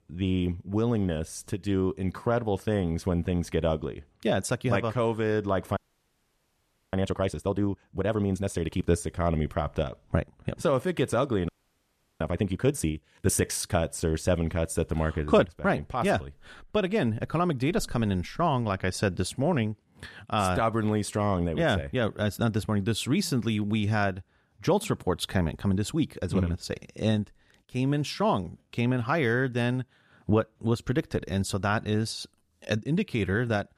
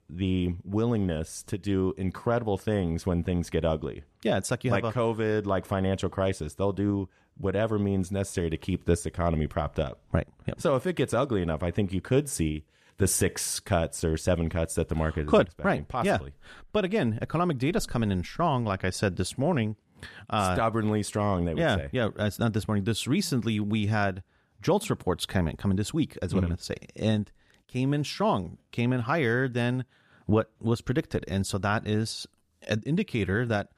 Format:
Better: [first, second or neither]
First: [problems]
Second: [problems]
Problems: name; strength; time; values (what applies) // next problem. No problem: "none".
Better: second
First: audio freezing; at 6 s for 1 s and at 11 s for 0.5 s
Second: none